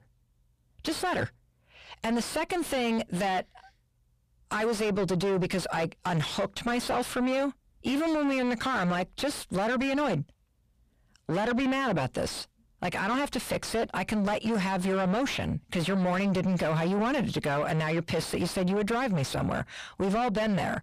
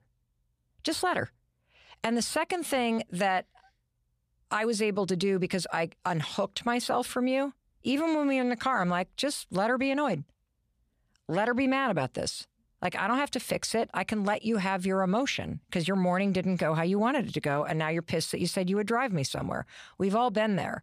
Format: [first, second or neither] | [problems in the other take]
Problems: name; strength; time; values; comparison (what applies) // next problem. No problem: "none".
second | distortion; heavy; 5 dB below the speech